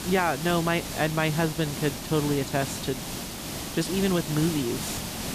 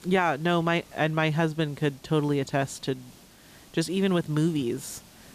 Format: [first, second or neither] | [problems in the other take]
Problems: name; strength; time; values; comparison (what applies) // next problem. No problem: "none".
second | hiss; loud; throughout; 6 dB below the speech; faint in the second